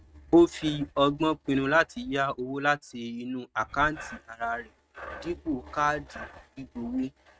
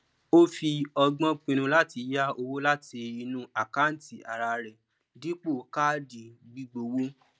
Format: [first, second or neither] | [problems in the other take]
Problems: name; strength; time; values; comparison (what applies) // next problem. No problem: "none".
second | noise reduction (neural mask model RNNoise)